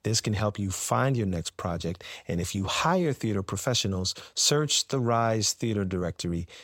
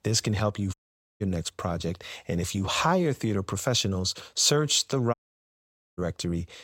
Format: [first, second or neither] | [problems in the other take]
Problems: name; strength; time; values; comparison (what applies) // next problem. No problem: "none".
first | audio cutting out; at 0.5 s and at 5 s for 1 s